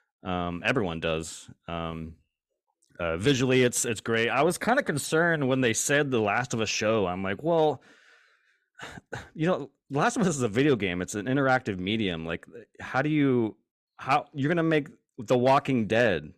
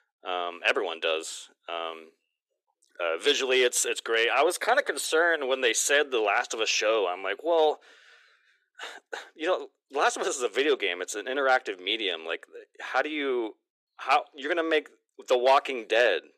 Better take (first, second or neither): first